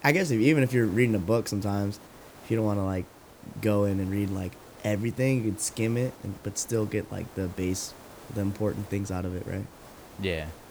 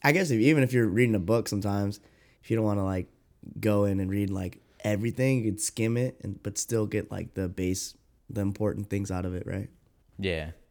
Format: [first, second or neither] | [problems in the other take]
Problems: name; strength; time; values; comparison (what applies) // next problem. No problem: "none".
second | hiss; noticeable; throughout; 20 dB below the speech